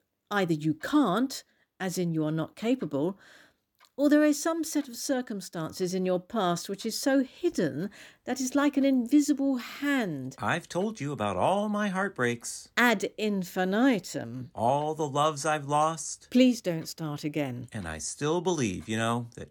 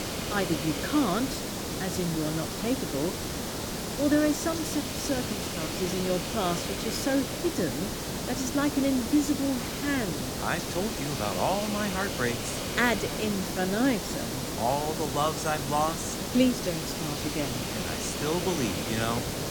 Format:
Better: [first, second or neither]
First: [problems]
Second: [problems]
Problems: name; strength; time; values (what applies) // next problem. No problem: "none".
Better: first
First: none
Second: hiss; loud; throughout; 2 dB below the speech